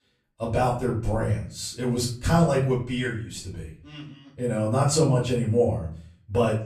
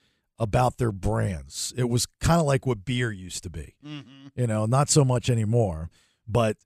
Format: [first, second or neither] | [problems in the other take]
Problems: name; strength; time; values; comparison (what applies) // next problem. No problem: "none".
second | off-mic speech; far // room echo; slight; dies away in 0.4 s